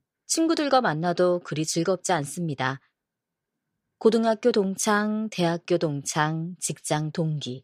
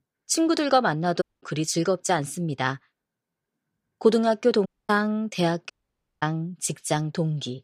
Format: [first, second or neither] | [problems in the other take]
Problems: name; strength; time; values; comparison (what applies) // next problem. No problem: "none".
first | audio cutting out; at 1 s, at 4.5 s and at 5.5 s for 0.5 s